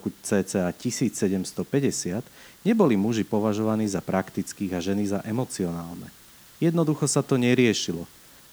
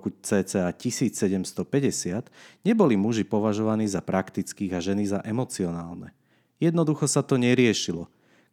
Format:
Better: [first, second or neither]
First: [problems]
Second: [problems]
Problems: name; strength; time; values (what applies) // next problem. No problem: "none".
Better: second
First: hiss; faint; throughout; 25 dB below the speech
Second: none